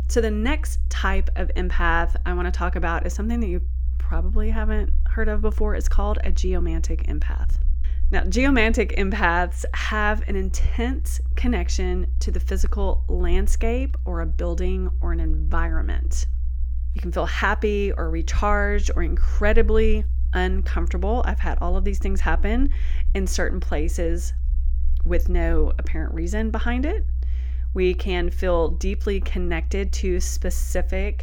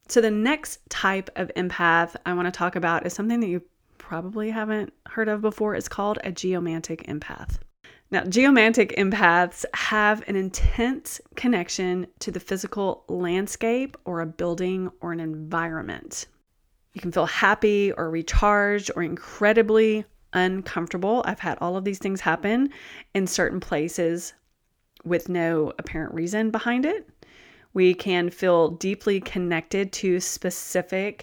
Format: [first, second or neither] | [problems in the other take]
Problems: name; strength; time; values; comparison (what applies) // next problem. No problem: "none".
second | low rumble; faint; throughout; 20 dB below the speech